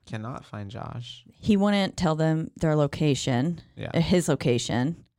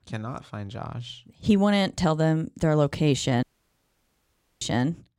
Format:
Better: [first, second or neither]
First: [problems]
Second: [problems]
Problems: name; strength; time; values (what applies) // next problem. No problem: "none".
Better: first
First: none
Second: audio cutting out; at 3.5 s for 1 s